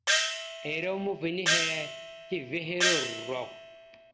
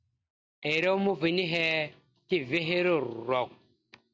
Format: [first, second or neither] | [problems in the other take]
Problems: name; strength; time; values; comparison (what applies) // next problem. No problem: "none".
second | background sound (Gong); 3 dB above the speech // room echo; dies away in 1 s